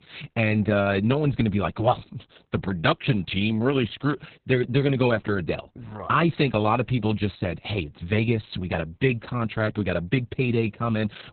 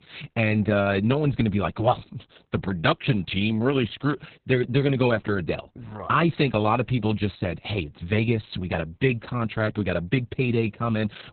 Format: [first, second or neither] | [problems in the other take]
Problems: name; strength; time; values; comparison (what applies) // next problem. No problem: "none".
neither | garbled, watery; badly; nothing above 4 kHz; the same in both